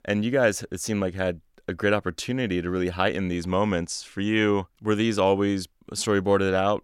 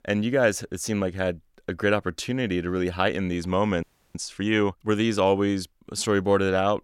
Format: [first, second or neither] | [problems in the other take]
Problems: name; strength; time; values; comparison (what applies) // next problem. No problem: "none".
first | audio freezing; at 4 s